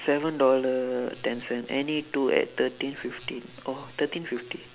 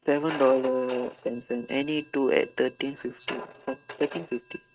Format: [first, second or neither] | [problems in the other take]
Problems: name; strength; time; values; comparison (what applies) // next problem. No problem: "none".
first | noise reduction (neural mask model RNNoise)